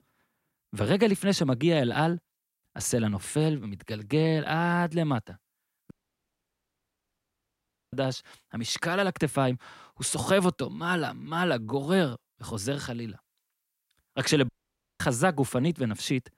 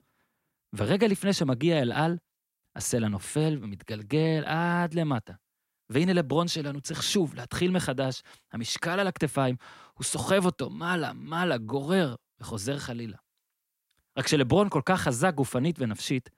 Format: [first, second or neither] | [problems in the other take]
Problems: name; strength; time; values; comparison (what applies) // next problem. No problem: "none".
second | audio cutting out; at 6 s for 2 s and at 14 s for 0.5 s